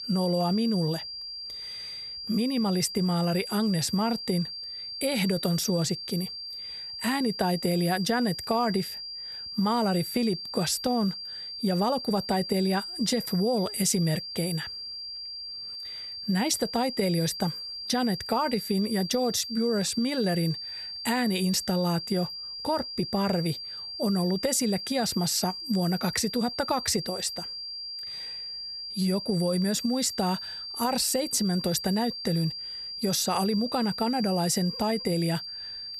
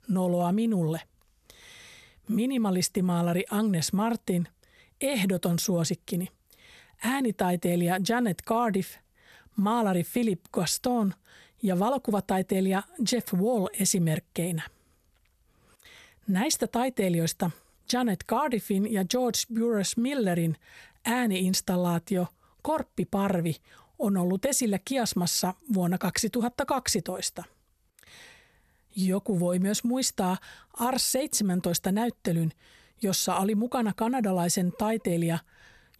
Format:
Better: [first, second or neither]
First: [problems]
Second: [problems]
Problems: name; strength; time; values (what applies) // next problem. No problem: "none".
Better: second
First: high-pitched whine; loud; throughout; 4.5 kHz, 7 dB below the speech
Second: none